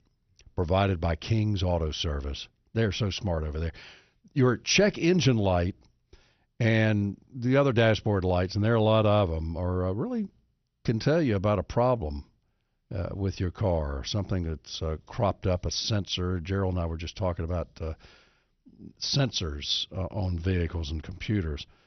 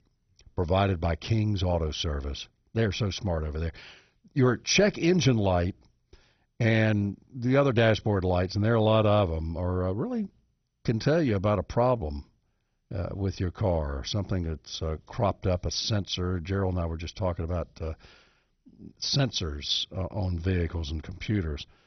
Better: first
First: garbled, watery; slightly; nothing above 6 kHz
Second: garbled, watery; badly; nothing above 6 kHz

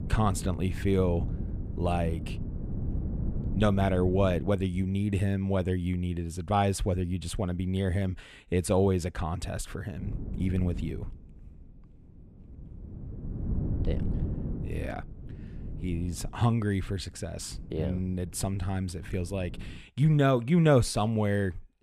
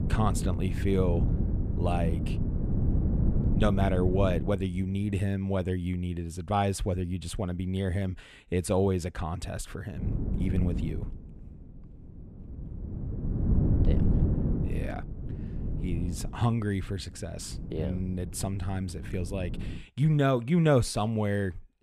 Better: first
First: wind noise on the microphone; occasional gusts; until 5 s and from 10 to 20 s; 15 dB below the speech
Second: wind noise on the microphone; heavy; until 5 s and from 10 to 20 s; 8 dB below the speech

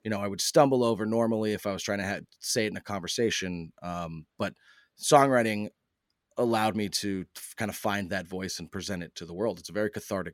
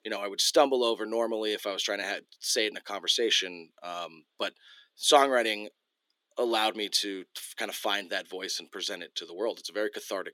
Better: first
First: none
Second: thin; somewhat; fading below 350 Hz

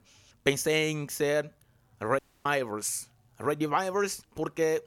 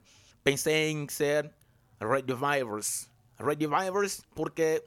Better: second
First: audio cutting out; at 2 s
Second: none

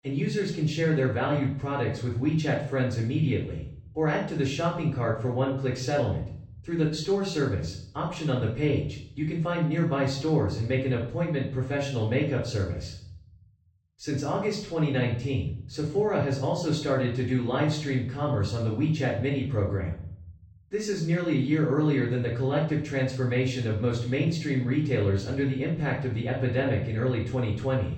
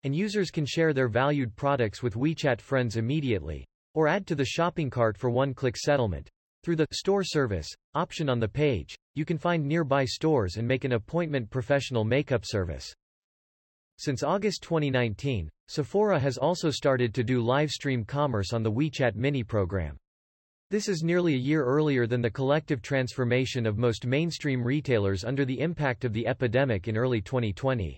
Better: second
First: off-mic speech; far // room echo; noticeable; dies away in 0.6 s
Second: none

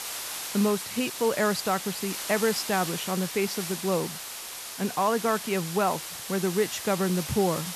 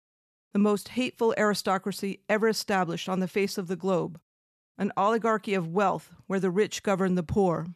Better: second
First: hiss; loud; throughout; 6 dB below the speech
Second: none

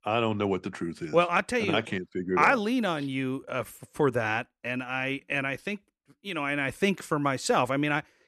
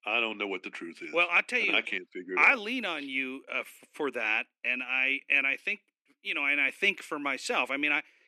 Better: first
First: none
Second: thin; very slightly; fading below 250 Hz

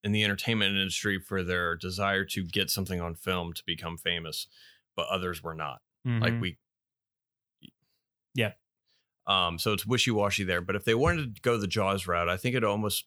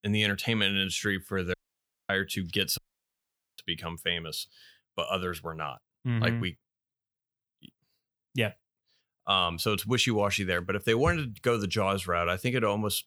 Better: first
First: none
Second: audio cutting out; at 1.5 s for 0.5 s and at 3 s for 1 s

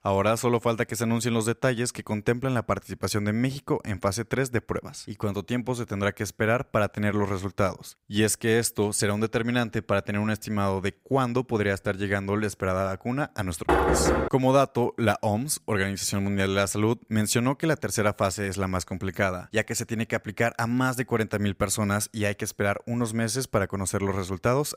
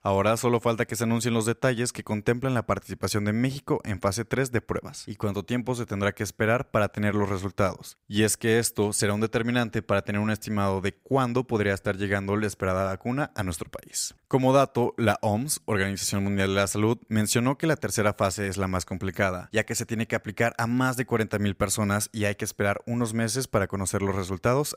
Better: second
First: door banging; loud; at 14 s; peak 4 dB above the speech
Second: none

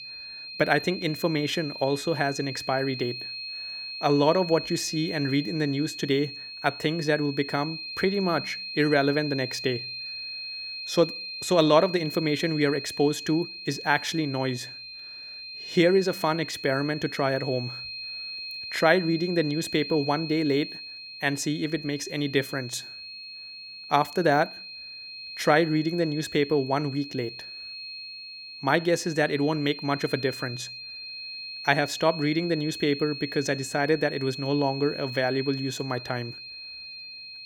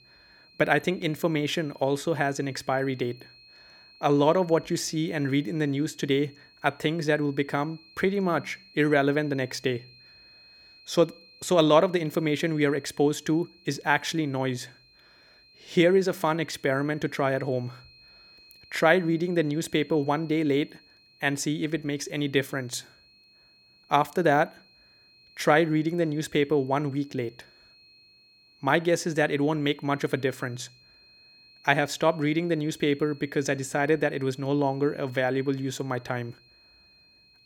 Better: second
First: high-pitched whine; loud; throughout; 4 kHz, 9 dB below the speech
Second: high-pitched whine; faint; throughout; 4 kHz, 25 dB below the speech

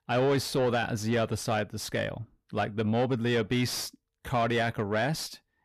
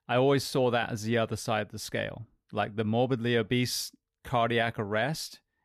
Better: second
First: distortion; slight; 10 dB below the speech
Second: none

